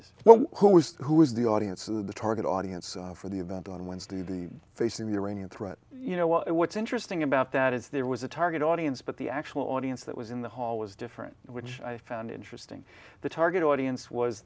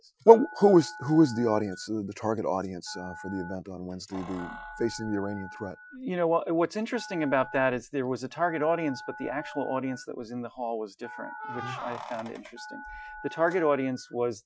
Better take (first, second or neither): first